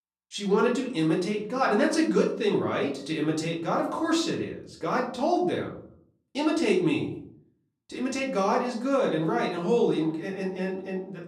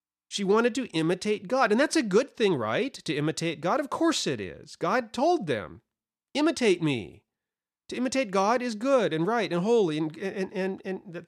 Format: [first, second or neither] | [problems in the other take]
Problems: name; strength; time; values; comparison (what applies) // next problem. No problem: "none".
second | off-mic speech; far // room echo; slight; dies away in 0.5 s